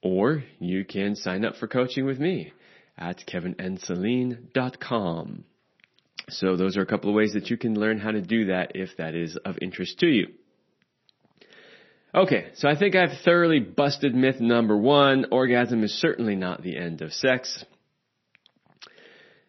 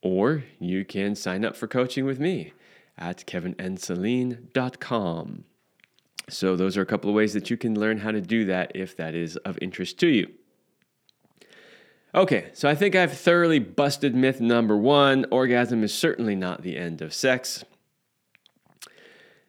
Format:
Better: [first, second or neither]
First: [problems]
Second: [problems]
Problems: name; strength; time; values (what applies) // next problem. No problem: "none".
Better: second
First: garbled, watery; slightly; nothing above 6 kHz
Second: none